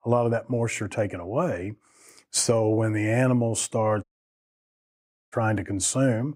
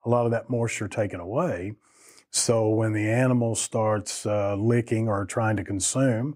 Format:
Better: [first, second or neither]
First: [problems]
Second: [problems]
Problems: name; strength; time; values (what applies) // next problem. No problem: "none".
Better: second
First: audio cutting out; at 4 s for 1.5 s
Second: none